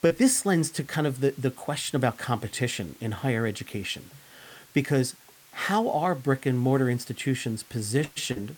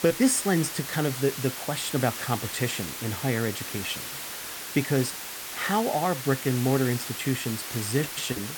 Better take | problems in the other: first | hiss; loud; throughout; 6 dB below the speech; faint in the first

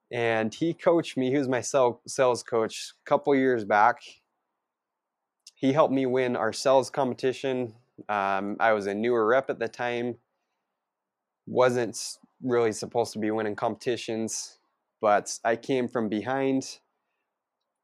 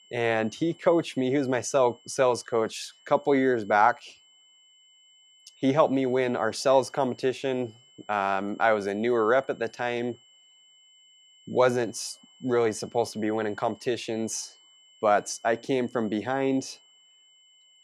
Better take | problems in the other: first | high-pitched whine; faint; throughout; 3 kHz, 30 dB below the speech

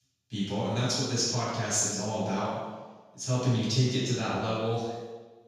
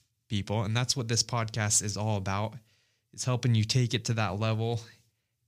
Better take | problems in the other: second | room echo; strong; dies away in 1.1 s // off-mic speech; far

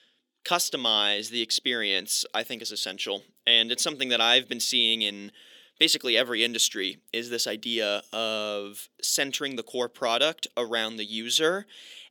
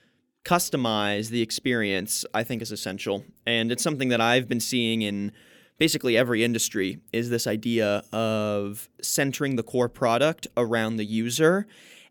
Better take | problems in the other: second | thin; somewhat; fading below 350 Hz

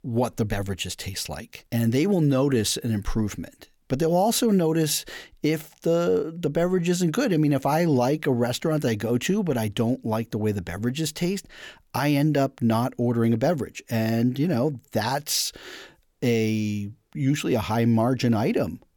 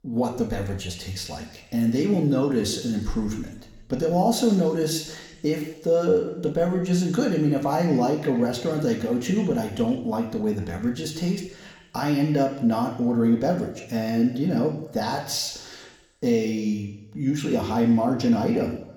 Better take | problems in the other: first | room echo; slight; dies away in 1 s // off-mic speech; somewhat distant

